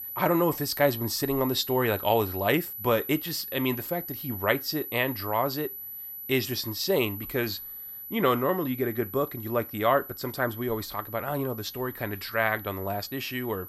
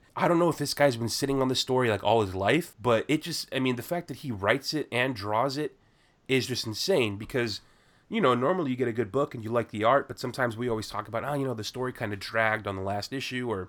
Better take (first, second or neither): second